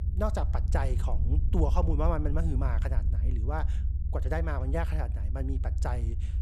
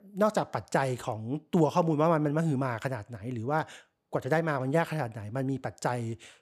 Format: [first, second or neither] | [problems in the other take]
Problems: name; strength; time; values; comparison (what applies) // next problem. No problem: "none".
second | low rumble; noticeable; throughout; 10 dB below the speech